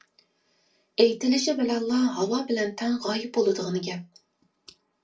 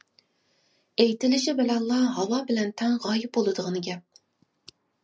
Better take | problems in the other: second | room echo; dies away in 0.2 s

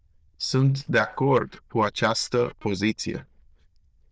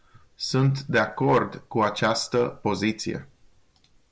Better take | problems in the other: second | noise reduction (neural diffusion model UNIVERSE++)

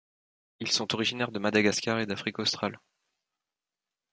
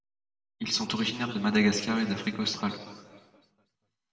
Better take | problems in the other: first | room echo; dies away in 1.9 s

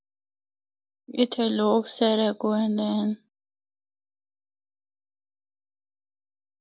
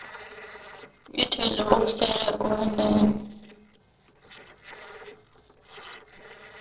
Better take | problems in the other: first | noise reduction (neural separator model SepFormer DNS4)

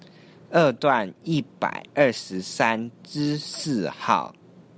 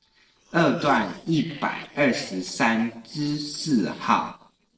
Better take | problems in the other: first | noise reduction (neural separator model SepFormer DNS4)

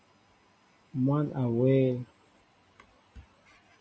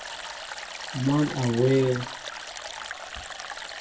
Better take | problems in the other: first | background sound (Stream); 9 dB below the speech // room echo; dies away in 0.2 s

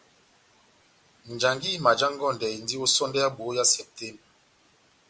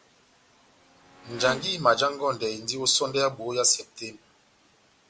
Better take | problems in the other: first | background sound (Motorcycle); 19 dB below the speech

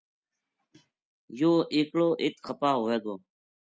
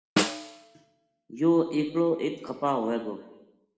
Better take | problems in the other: first | background sound (Snare drum); 5 dB below the speech // room echo; dies away in 0.9 s

